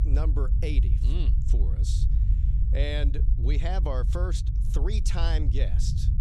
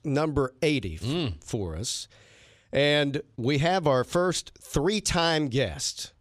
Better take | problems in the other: second | low rumble; loud; throughout; 7 dB below the speech

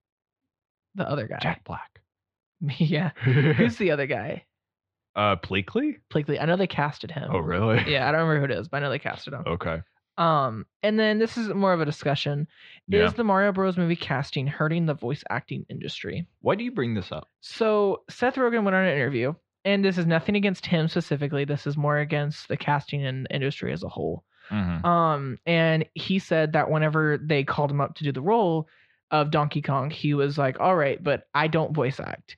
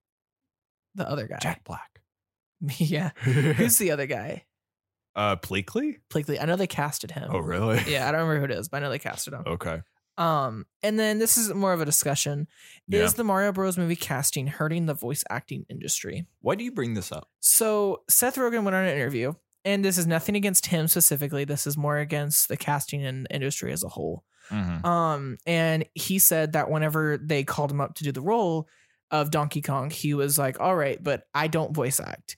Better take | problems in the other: second | muffled; slightly; fading above 4 kHz

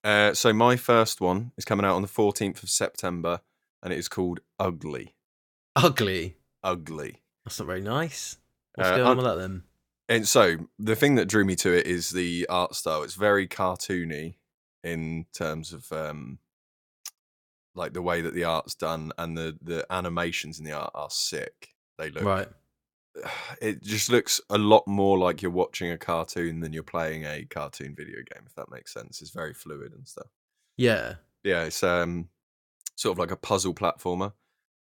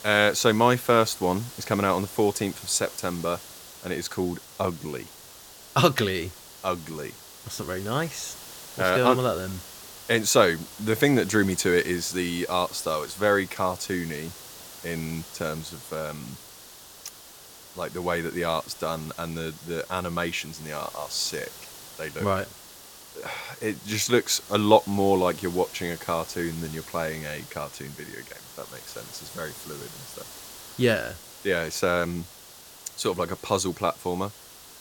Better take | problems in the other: first | hiss; noticeable; throughout; 15 dB below the speech

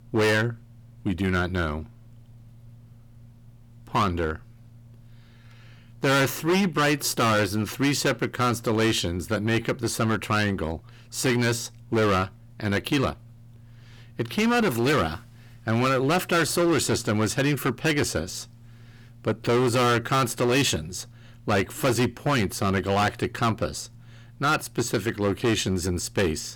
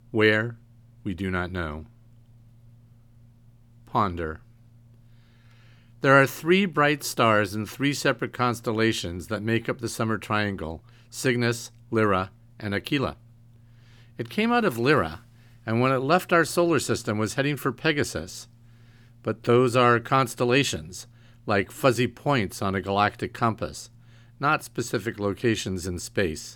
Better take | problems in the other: second | distortion; heavy; 11% of the sound clipped

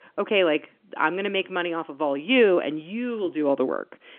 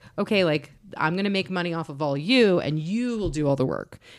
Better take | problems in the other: second | phone-call audio; nothing above 3 kHz

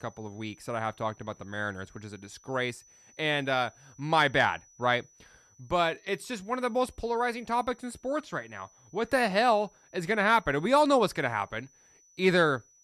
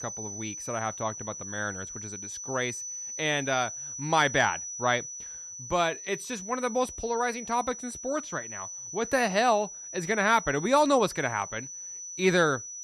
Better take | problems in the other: first | high-pitched whine; loud; throughout; 6 kHz, 9 dB below the speech; faint in the first

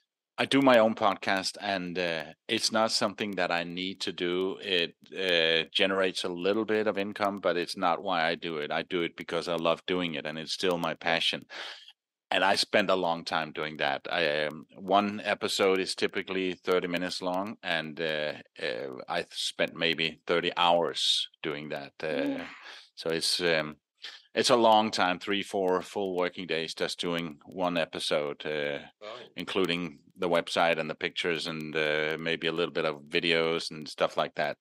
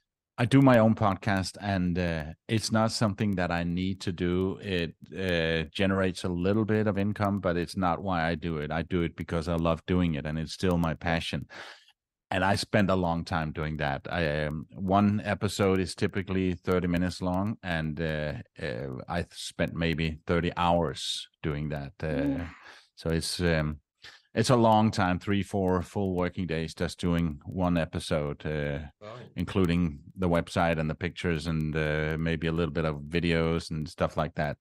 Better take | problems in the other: second | thin; somewhat; fading below 400 Hz

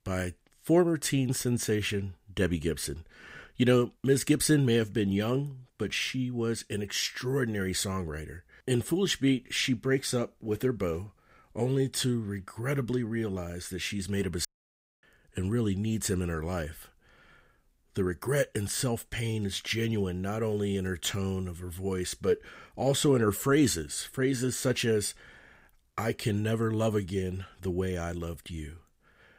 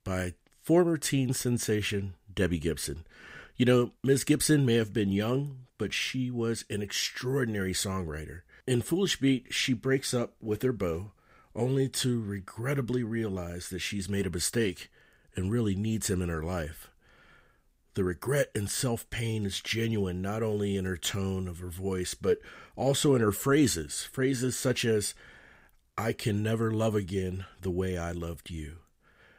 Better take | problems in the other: second | audio cutting out; at 14 s for 0.5 s

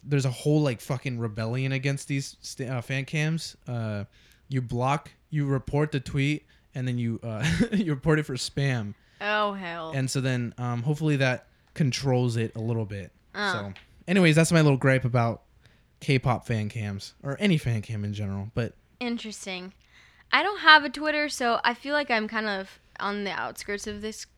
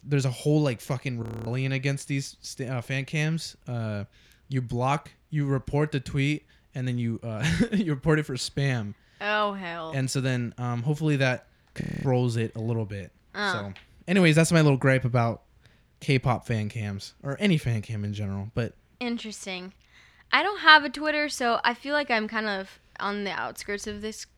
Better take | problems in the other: first | audio freezing; at 1 s and at 12 s

